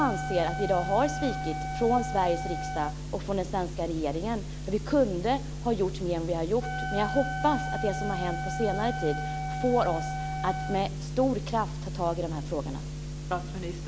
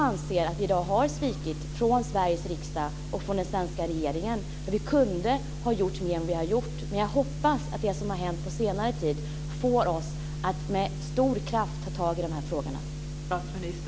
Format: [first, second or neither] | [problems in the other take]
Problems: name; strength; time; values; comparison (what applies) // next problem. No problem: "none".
second | background sound (Wind instrument, woodwind instrument); 9 dB below the speech